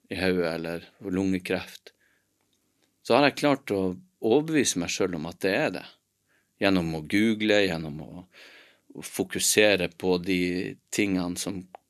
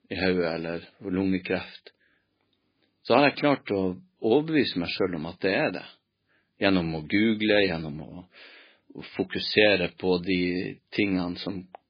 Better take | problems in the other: first | garbled, watery; badly; nothing above 4.5 kHz

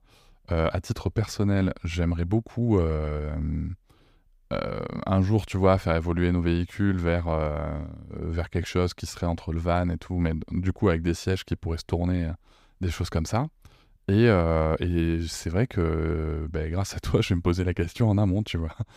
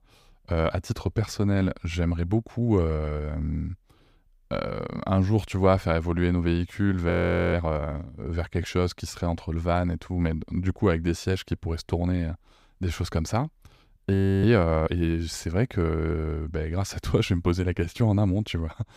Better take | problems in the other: first | audio freezing; at 7 s and at 14 s

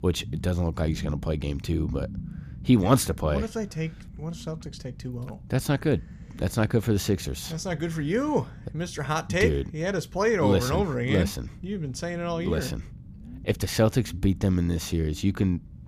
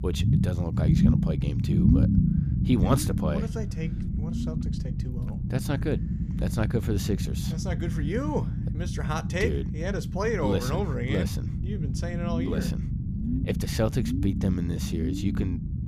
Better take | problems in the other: first | low rumble; loud; throughout; 4 dB below the speech; faint in the first

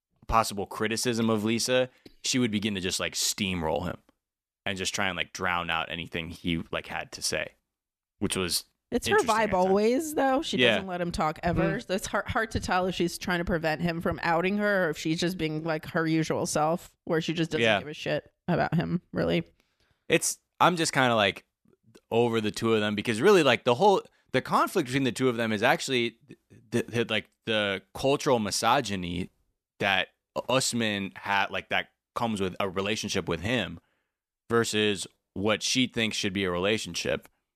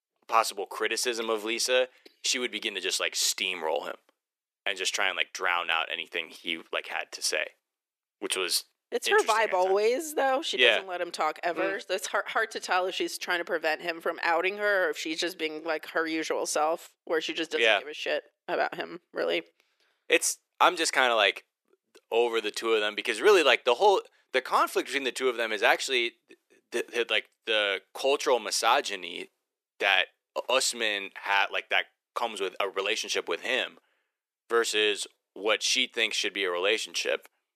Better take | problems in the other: first | thin; very; fading below 400 Hz

